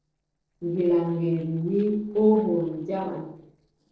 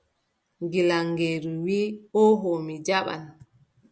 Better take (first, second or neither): second